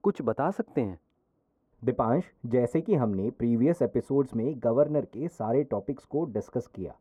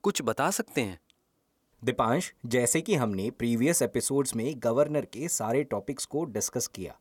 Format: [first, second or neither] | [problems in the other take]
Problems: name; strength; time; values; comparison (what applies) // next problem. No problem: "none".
second | muffled; very; fading above 2 kHz